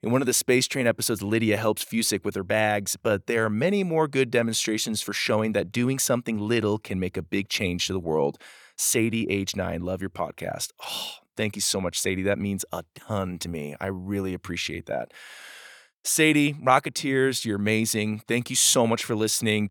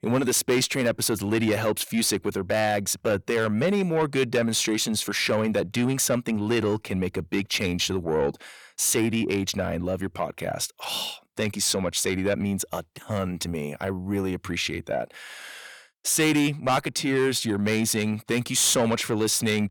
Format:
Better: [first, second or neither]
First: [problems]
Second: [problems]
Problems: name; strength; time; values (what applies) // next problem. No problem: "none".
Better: first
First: none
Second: distortion; slight; 10 dB below the speech